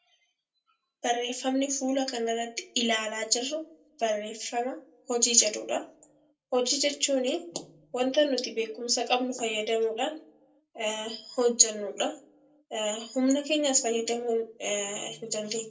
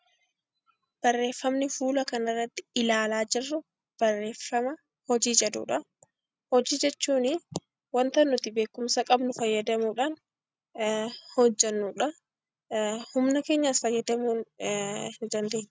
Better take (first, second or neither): second